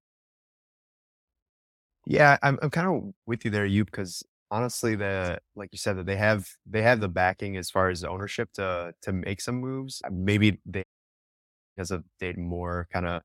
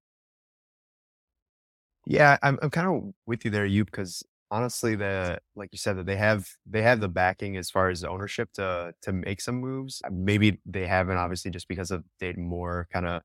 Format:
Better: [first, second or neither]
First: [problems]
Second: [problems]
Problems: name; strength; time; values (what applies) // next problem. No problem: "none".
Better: second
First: audio cutting out; at 11 s for 1 s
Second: none